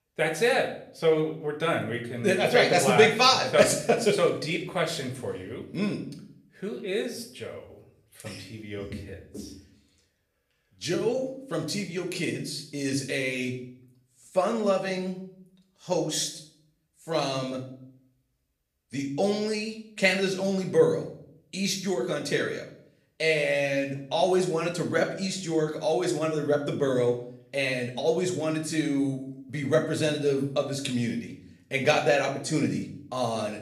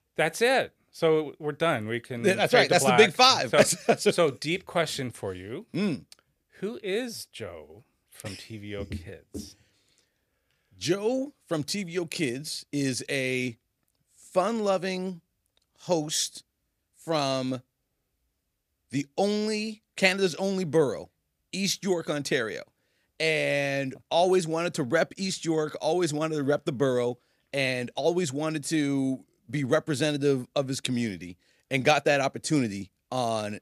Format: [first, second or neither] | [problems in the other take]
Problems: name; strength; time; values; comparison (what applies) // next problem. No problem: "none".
second | room echo; slight; dies away in 0.5 s // off-mic speech; somewhat distant